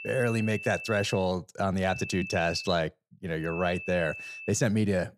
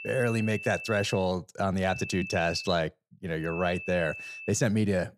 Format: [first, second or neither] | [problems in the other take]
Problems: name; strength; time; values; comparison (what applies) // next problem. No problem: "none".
neither | high-pitched whine; loud; until 1 s, at 2 s and from 3.5 to 4.5 s; 2.5 kHz, 10 dB below the speech; the same in both